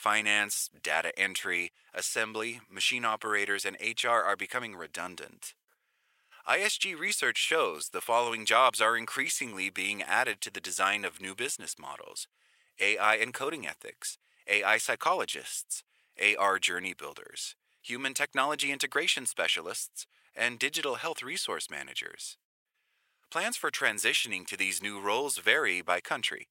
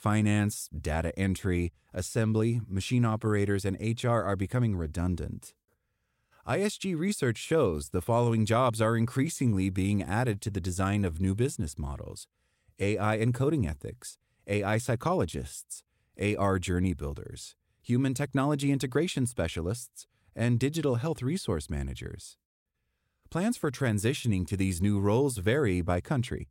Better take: second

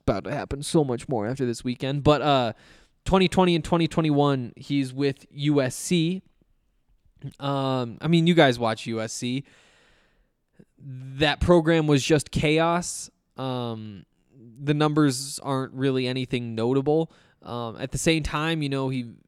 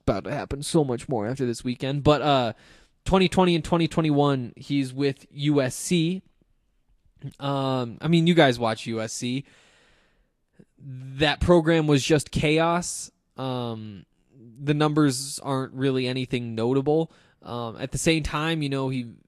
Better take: first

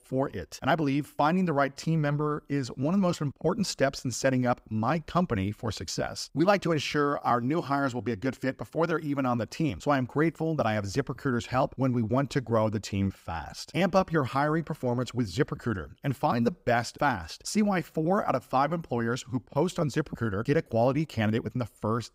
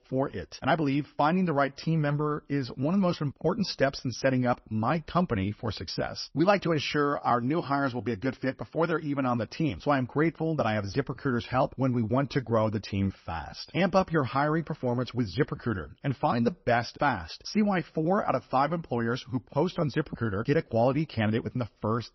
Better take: first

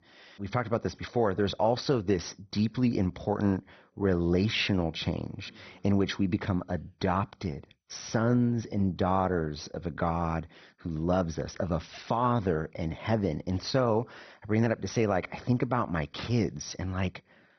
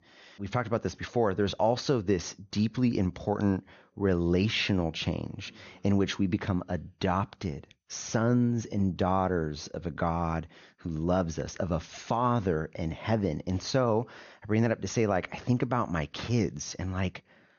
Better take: second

